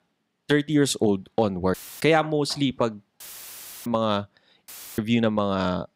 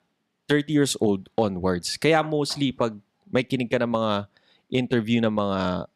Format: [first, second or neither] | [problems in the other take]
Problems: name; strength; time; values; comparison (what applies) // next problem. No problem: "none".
second | audio cutting out; filled with static; at 1.5 s, at 3 s for 0.5 s and at 4.5 s